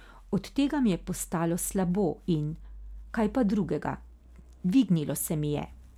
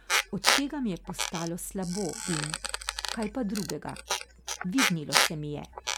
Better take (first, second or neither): first